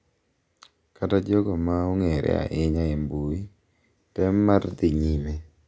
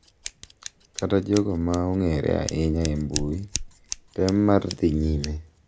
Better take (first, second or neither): first